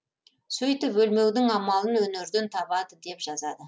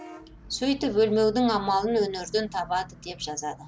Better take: first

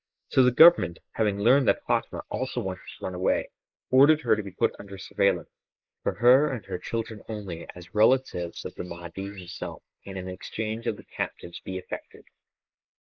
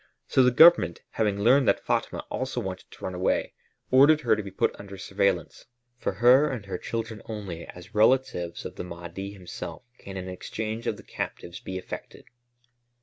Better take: second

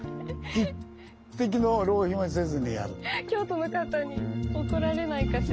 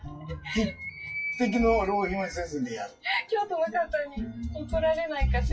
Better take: first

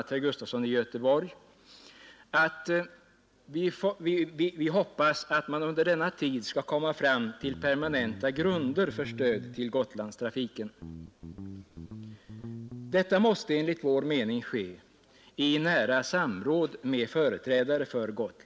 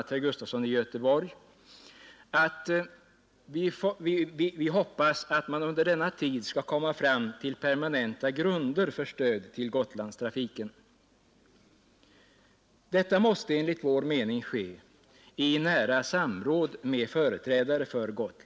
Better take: second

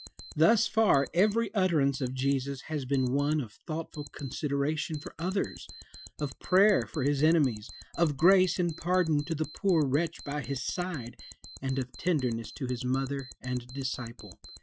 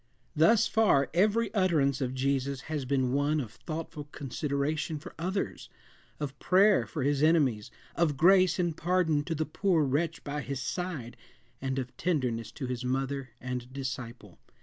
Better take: second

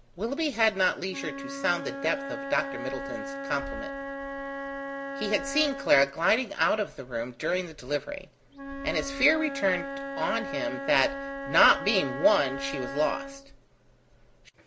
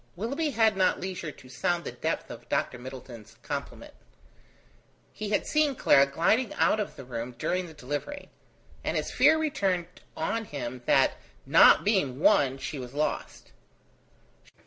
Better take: second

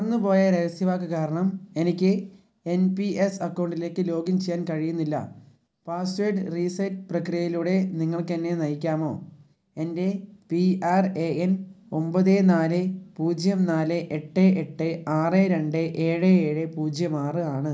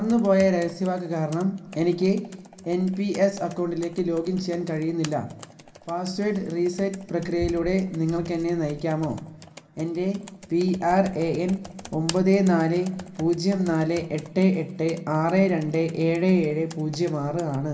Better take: first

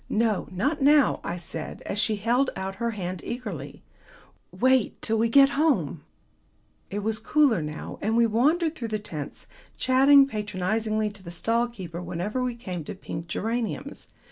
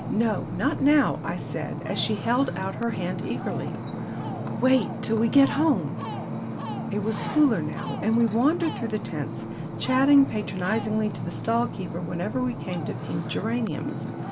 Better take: first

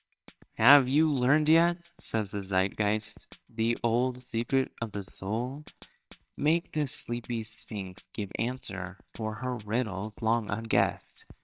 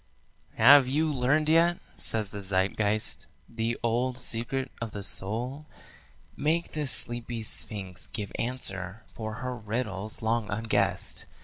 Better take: second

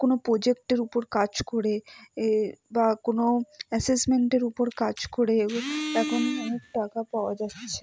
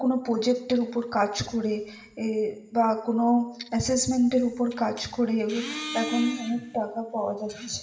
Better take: first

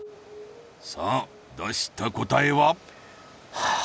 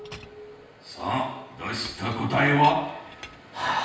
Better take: first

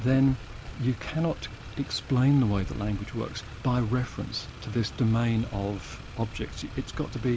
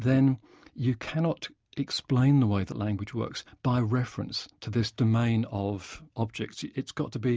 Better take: second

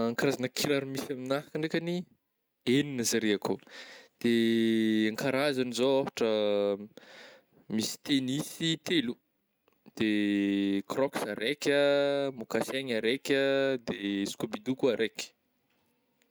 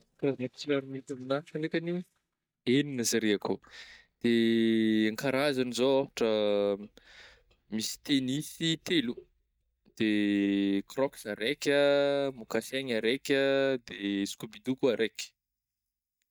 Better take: first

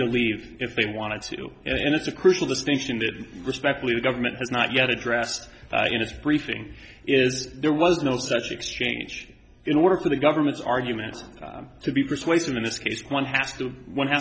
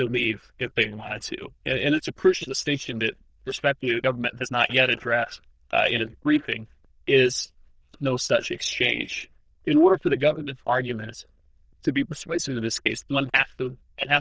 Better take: first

